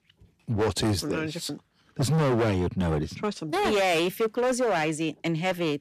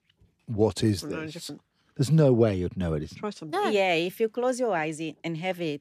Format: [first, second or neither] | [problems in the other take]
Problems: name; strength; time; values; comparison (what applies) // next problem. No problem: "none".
second | distortion; heavy; 17% of the sound clipped